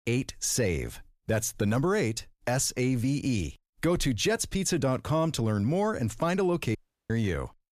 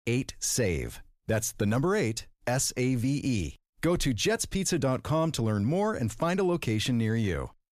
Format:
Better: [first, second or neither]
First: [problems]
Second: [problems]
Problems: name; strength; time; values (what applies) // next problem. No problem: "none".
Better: second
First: audio cutting out; at 7 s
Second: none